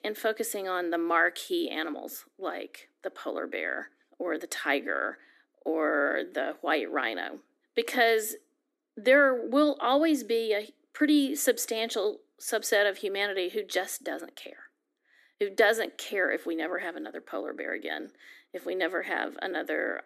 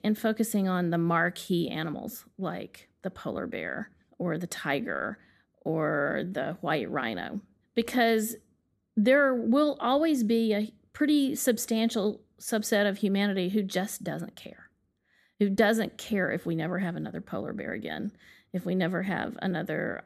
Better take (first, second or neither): second